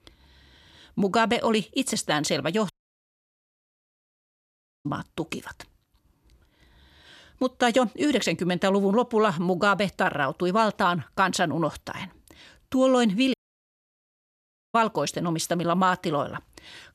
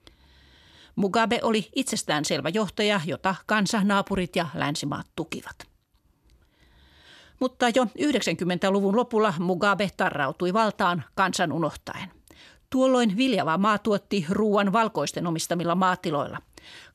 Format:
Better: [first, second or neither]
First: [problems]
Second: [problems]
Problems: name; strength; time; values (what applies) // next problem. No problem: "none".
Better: second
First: audio cutting out; at 2.5 s for 2 s and at 13 s for 1.5 s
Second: none